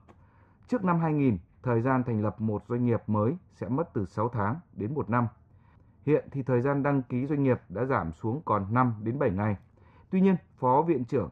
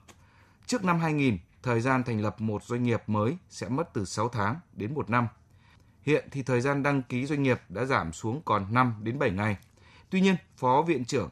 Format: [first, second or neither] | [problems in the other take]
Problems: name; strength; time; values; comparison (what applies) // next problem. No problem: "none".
second | muffled; very; fading above 2.5 kHz